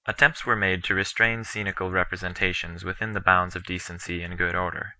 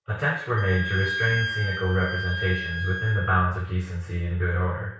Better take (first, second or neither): first